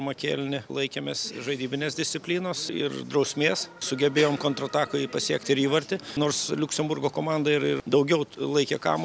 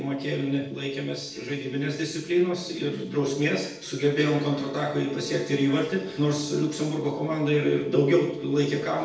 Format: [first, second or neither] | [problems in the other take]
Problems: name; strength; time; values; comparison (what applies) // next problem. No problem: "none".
first | noise reduction (neural separator model SepFormer DNS4)